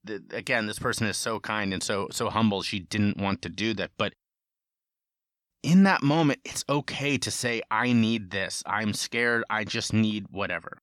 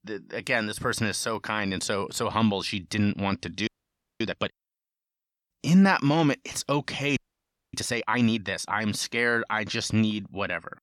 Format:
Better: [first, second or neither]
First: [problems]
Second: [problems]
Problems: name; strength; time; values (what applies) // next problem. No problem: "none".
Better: first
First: none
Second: audio freezing; at 3.5 s for 0.5 s and at 7 s for 0.5 s